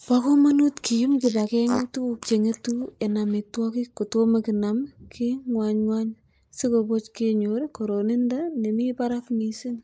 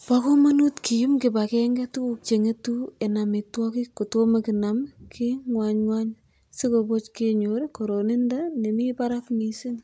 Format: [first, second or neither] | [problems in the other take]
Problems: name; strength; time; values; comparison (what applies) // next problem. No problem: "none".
second | noise reduction (neural mask model Resemble Enhance denoiser)